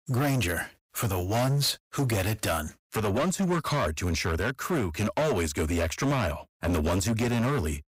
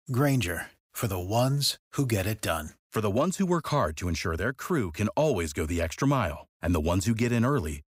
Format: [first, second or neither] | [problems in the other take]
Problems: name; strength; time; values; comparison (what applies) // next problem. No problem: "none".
second | distortion; heavy; 19% of the sound clipped